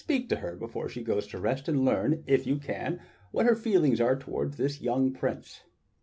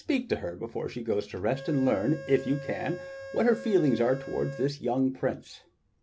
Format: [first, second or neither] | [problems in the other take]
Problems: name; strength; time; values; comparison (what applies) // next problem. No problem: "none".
first | background sound (Organ); 12 dB below the speech